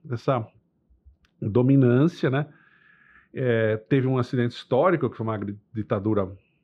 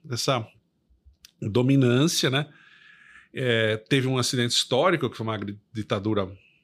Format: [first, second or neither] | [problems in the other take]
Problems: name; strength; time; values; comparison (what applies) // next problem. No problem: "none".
second | muffled; very; fading above 3.5 kHz